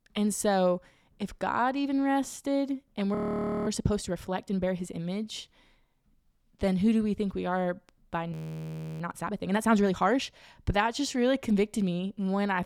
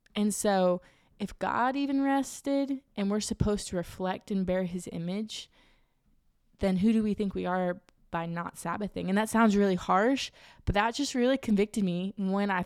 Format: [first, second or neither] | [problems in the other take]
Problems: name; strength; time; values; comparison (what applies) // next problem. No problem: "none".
second | audio freezing; at 3 s for 0.5 s and at 8.5 s for 0.5 s